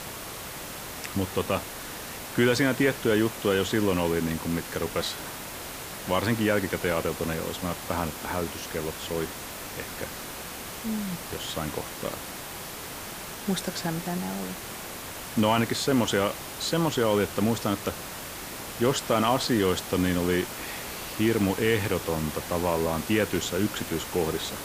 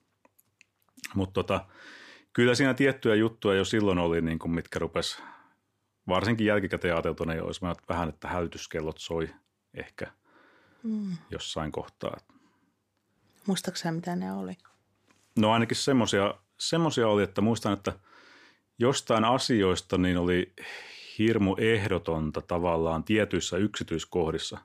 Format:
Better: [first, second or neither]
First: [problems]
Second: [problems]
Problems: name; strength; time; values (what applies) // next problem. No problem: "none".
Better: second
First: hiss; loud; throughout; 8 dB below the speech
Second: none